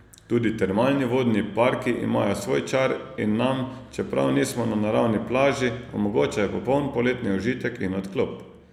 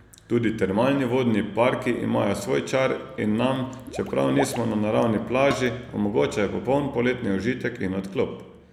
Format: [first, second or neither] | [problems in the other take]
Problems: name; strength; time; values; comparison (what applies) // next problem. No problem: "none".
first | background sound (Water / Liquid + Dishes, pots, and pans); 15 dB below the speech